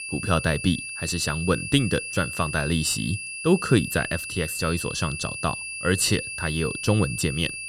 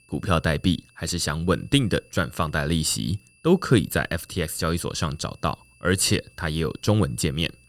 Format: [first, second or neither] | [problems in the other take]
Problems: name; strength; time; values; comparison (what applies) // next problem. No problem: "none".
second | high-pitched whine; loud; throughout; 2.5 kHz, 6 dB below the speech; faint in the second